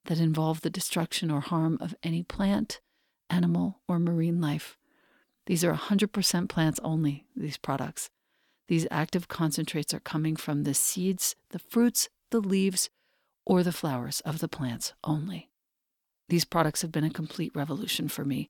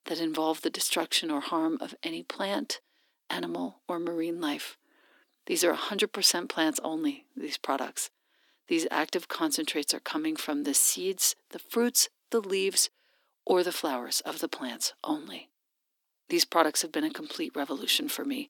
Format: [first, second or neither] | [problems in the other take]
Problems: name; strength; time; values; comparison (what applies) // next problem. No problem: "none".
first | thin; somewhat; fading below 300 Hz